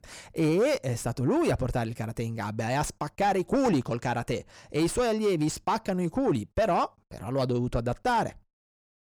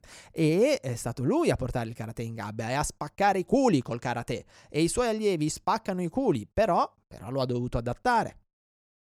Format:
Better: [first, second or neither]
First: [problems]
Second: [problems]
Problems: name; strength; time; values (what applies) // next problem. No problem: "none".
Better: second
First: distortion; slight; 10 dB below the speech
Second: none